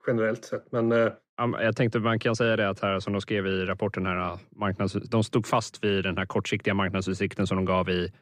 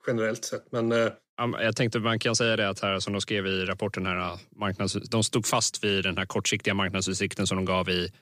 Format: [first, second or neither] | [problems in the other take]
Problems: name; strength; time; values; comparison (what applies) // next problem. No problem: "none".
second | muffled; slightly; fading above 3 kHz